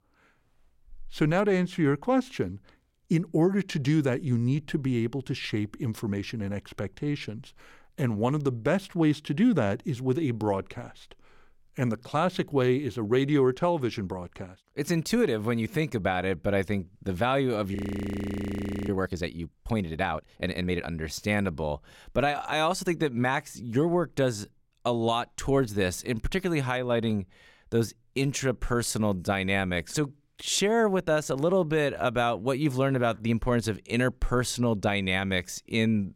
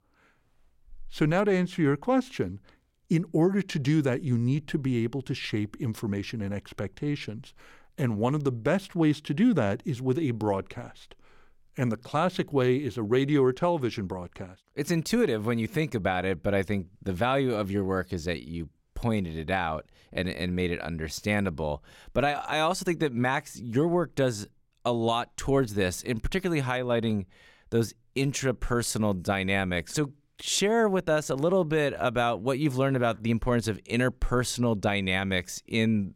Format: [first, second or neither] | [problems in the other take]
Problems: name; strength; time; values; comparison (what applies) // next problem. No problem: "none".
second | audio freezing; at 18 s for 1 s